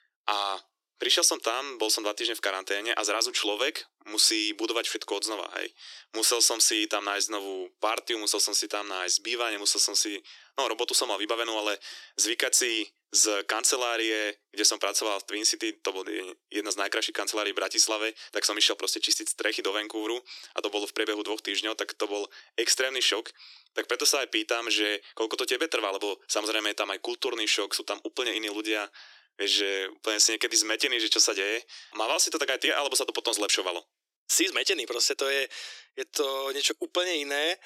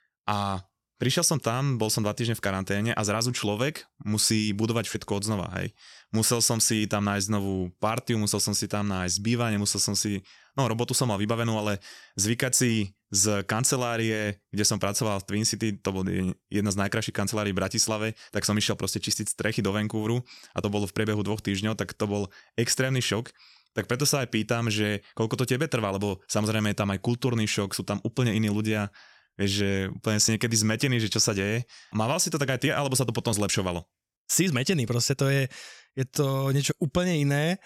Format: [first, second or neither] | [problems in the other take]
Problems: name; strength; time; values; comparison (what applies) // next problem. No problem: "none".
second | thin; very; fading below 300 Hz